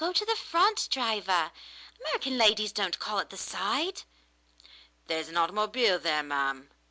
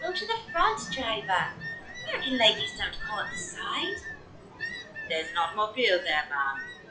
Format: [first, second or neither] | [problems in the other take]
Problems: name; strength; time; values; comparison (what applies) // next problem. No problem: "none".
first | noise reduction (classical method WPE with log-MMSE)